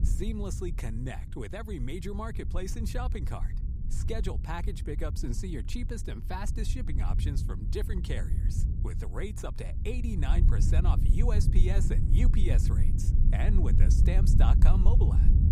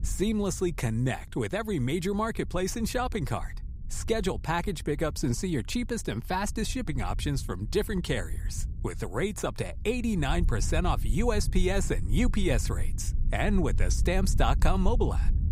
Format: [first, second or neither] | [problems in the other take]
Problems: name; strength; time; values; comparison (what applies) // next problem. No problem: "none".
second | wind noise on the microphone; heavy; 5 dB below the speech; occasional gusts in the second